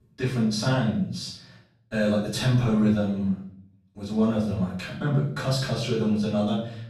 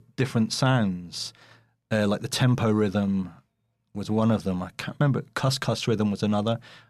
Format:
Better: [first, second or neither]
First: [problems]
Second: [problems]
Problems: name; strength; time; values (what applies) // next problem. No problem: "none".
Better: second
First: off-mic speech; far // room echo; noticeable; dies away in 0.5 s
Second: none